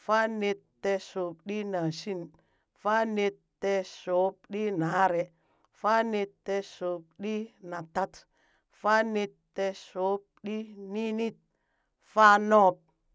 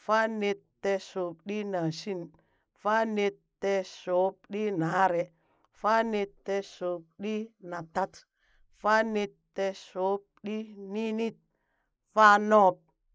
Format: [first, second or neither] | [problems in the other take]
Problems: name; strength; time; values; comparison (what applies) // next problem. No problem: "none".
first | noise reduction (neural mask model Resemble Enhance denoiser)